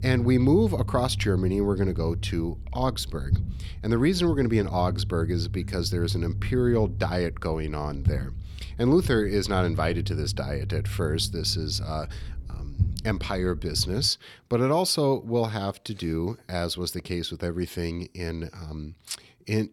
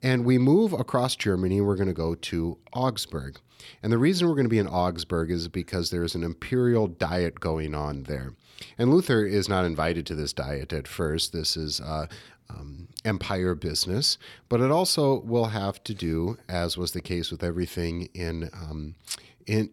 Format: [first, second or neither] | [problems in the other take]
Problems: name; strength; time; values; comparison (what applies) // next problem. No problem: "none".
second | low rumble; noticeable; until 14 s; 20 dB below the speech